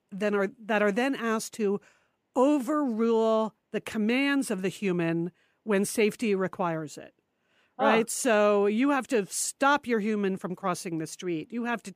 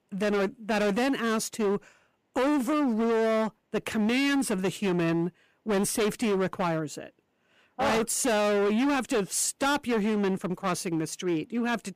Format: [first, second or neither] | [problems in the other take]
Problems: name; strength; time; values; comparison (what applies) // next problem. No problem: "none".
first | distortion; heavy; 21% of the sound clipped